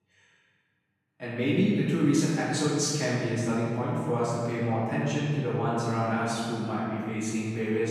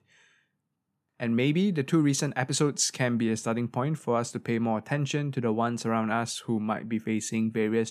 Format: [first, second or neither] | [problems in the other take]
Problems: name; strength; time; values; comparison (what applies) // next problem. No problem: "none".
second | off-mic speech; far // room echo; strong; dies away in 2 s